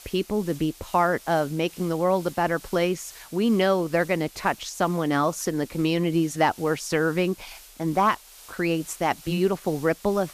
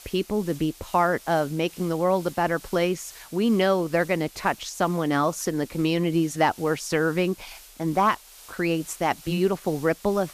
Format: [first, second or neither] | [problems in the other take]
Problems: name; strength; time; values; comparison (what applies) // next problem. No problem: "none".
neither | hiss; faint; throughout; 20 dB below the speech; the same in both